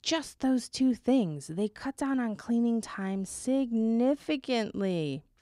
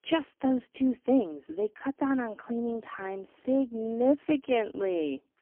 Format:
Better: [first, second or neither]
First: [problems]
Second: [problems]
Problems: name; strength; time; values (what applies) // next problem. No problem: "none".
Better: first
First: none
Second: phone-call audio; poor line; nothing above 3 kHz